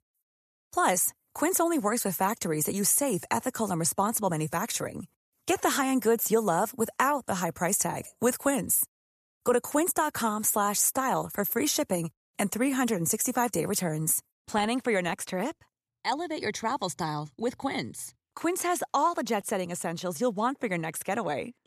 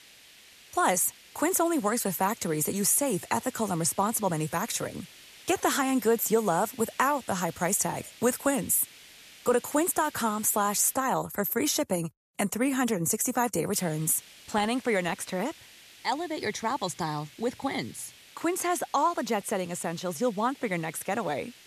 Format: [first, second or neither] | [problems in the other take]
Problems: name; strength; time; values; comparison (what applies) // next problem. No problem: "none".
first | hiss; faint; until 11 s and from 14 s on; 20 dB below the speech